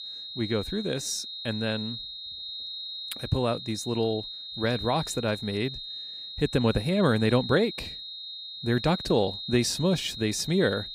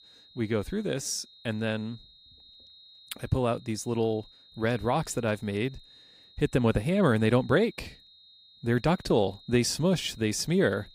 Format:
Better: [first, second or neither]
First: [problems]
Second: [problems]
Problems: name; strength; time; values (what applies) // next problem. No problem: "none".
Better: second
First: high-pitched whine; loud; throughout; 4 kHz, 8 dB below the speech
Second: high-pitched whine; faint; throughout; 4 kHz, 25 dB below the speech